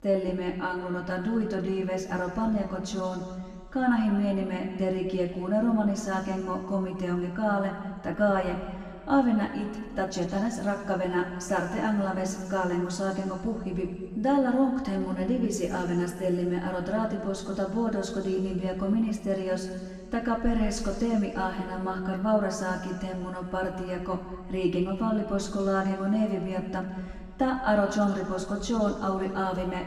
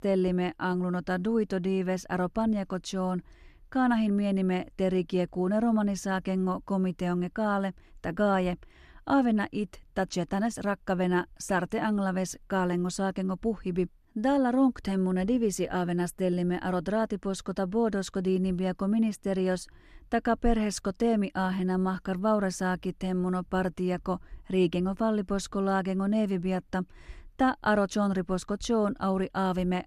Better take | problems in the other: second | room echo; noticeable; dies away in 2.1 s // off-mic speech; far

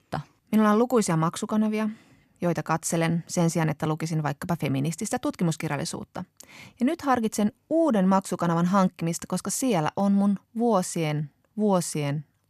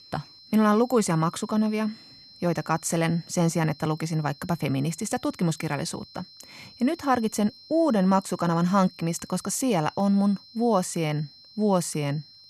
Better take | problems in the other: first | high-pitched whine; faint; throughout; 4 kHz, 20 dB below the speech

